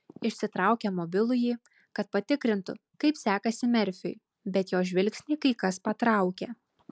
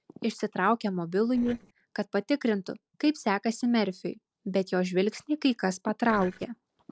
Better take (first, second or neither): first